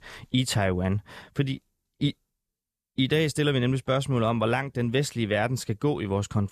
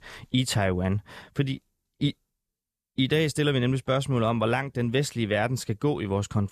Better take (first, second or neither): neither